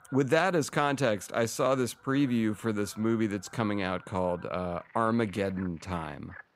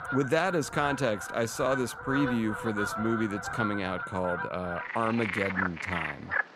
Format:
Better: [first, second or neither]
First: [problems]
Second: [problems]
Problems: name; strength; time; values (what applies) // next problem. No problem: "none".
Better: first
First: animal sounds; faint; throughout; 25 dB below the speech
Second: animal sounds; loud; throughout; 4 dB below the speech